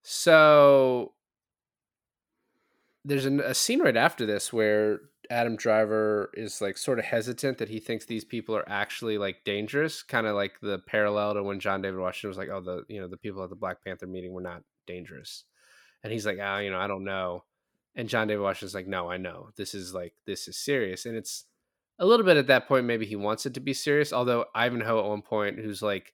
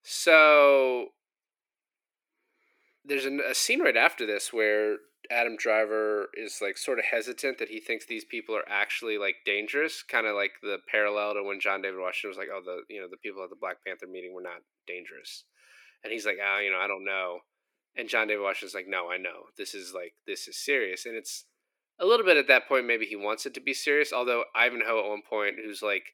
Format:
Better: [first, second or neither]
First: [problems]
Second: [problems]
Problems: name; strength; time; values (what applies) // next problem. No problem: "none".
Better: first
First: none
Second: thin; somewhat; fading below 350 Hz